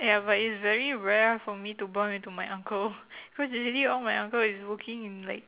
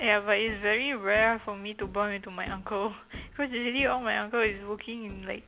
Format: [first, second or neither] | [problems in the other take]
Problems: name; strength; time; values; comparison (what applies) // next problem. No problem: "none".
first | background sound (Thump, thud); 18 dB below the speech